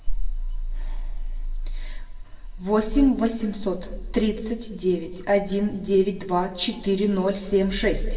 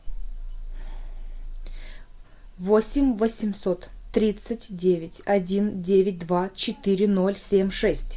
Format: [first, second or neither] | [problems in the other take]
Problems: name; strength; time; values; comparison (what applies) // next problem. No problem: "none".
second | room echo; dies away in 1.5 s